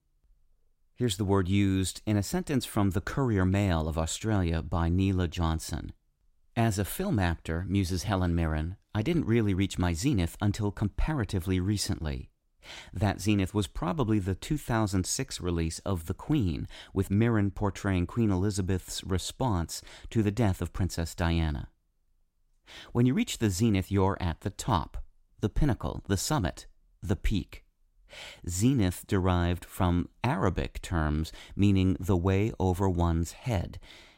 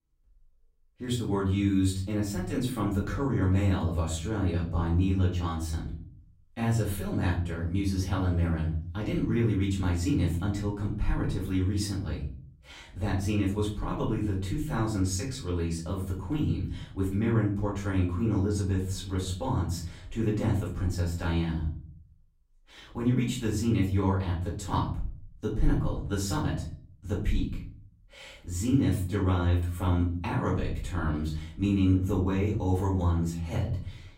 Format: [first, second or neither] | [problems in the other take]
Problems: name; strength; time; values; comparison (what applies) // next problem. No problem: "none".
first | room echo; slight; dies away in 0.6 s // off-mic speech; far